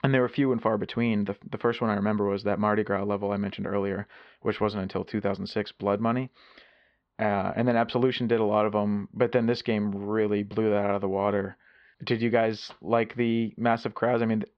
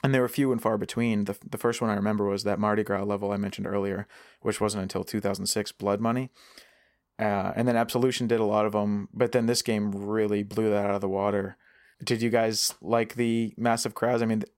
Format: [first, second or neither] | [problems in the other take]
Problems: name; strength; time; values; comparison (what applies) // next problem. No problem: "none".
second | muffled; slightly; fading above 4 kHz